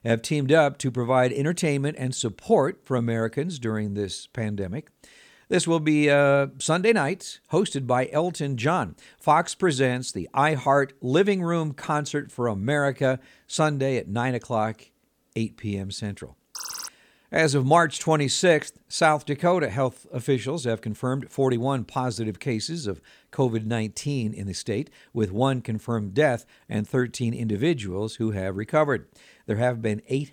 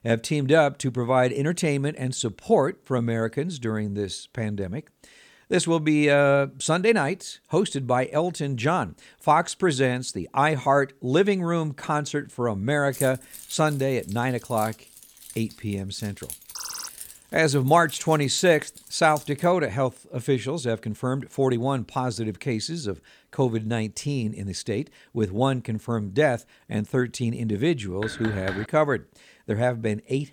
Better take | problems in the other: first | jangling keys; noticeable; from 13 to 19 s; peak 9 dB below the speech // door banging; noticeable; at 28 s; peak 9 dB below the speech

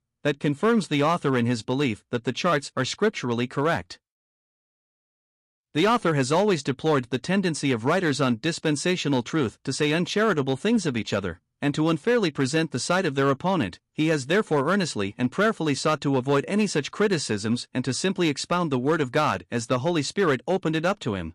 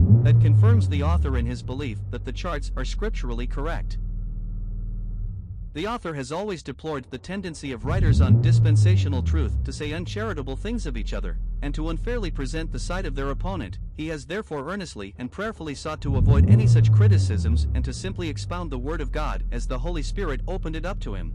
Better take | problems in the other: first | low rumble; loud; throughout; 1 dB below the speech

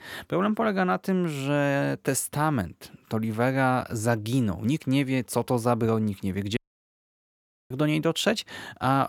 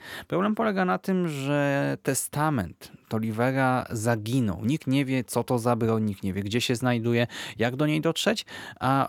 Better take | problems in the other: second | audio cutting out; at 6.5 s for 1 s

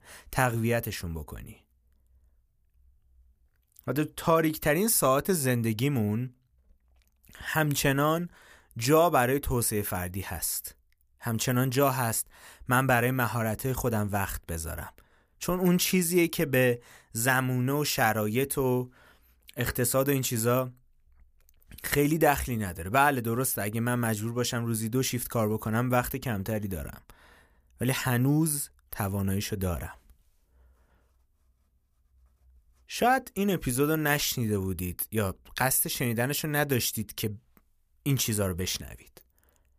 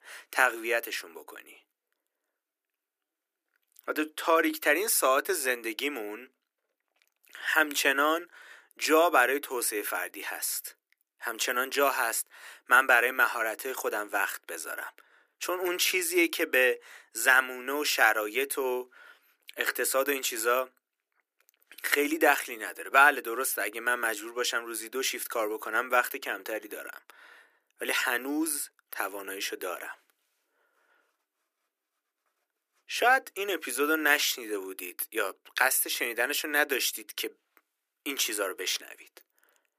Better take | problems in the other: first | thin; very; fading below 300 Hz

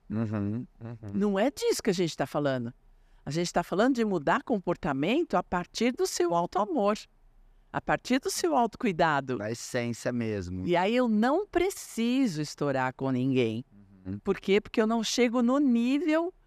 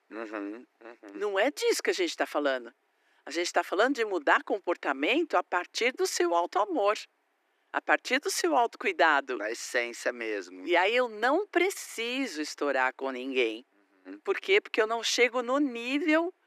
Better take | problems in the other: first | thin; somewhat; fading below 300 Hz

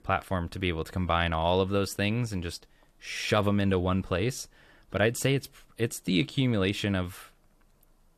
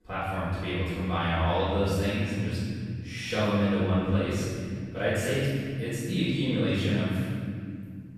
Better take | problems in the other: first | off-mic speech; far // room echo; strong; dies away in 2.4 s

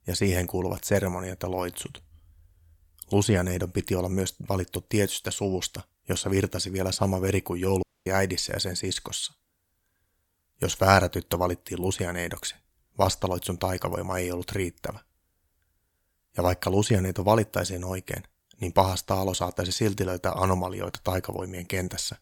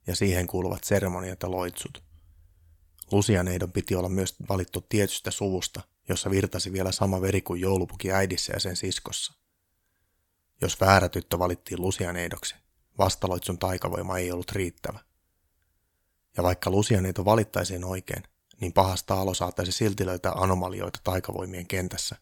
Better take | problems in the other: second | audio cutting out; at 8 s

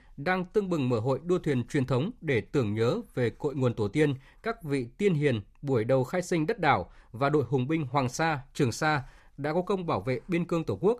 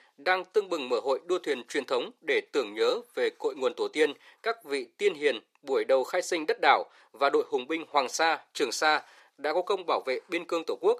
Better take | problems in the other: first | thin; very; fading below 400 Hz

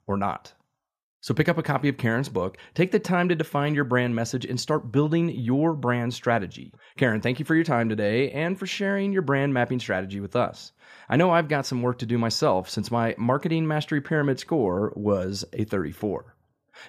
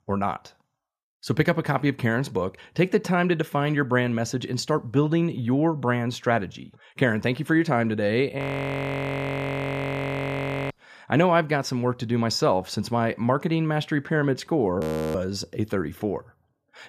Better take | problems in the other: first | audio freezing; at 8.5 s for 2.5 s and at 15 s

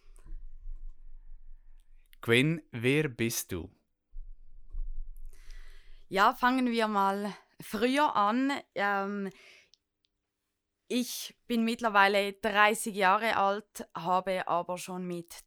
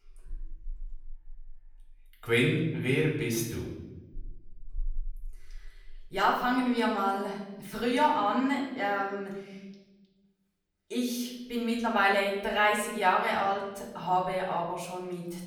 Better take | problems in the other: first | room echo; noticeable; dies away in 1.1 s // off-mic speech; far

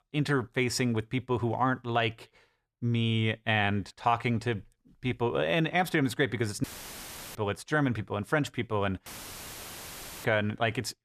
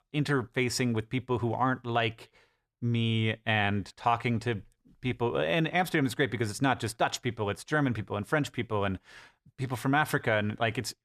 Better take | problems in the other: second | audio cutting out; filled with static; at 6.5 s for 0.5 s and at 9 s for 1 s

